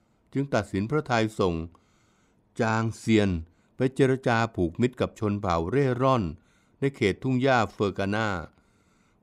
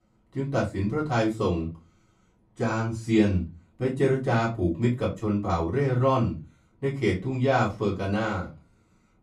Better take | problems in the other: first | off-mic speech; far // room echo; very slight; dies away in 0.3 s

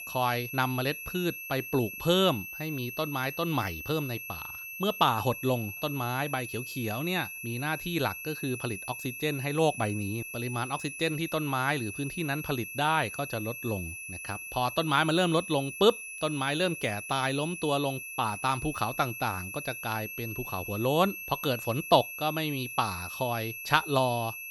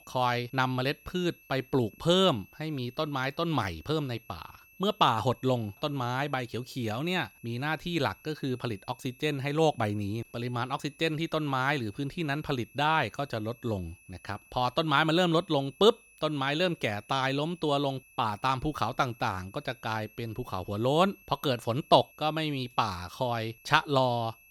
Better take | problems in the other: second | high-pitched whine; loud; throughout; 2.5 kHz, 8 dB below the speech; faint in the second

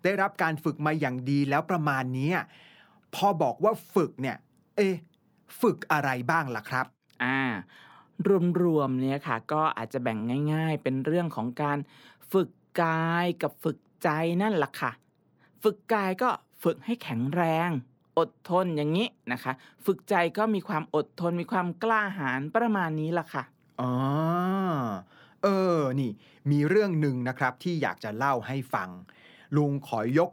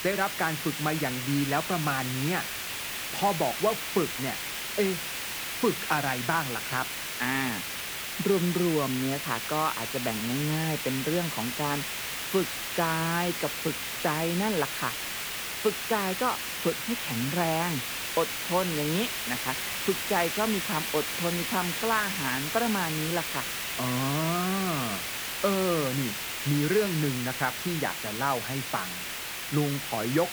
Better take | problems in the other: first | hiss; loud; throughout; 1 dB below the speech

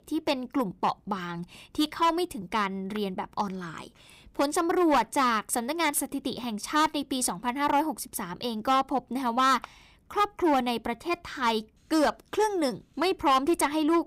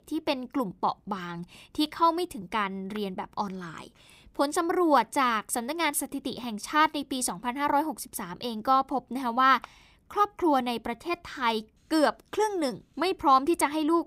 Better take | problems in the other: second | distortion; slight; 4% of the sound clipped

